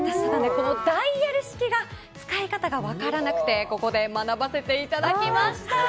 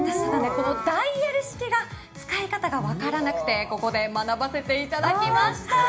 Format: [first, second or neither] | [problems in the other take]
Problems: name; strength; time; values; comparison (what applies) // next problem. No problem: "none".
first | room echo; dies away in 0.4 s